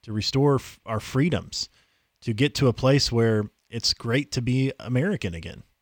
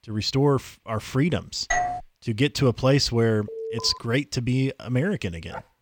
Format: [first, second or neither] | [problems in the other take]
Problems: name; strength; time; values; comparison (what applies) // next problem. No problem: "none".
first | doorbell; noticeable; at 1.5 s; peak 1 dB below the speech // alarm; noticeable; at 3.5 s; peak 9 dB below the speech // dog barking; very faint; at 5.5 s; peak 15 dB below the speech